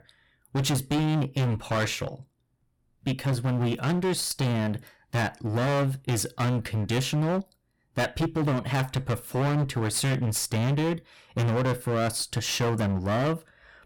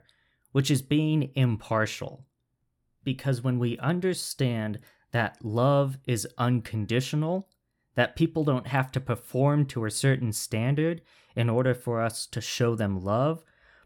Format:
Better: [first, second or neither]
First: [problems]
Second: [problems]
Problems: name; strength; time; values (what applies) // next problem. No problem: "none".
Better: second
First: distortion; heavy; 23% of the sound clipped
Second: none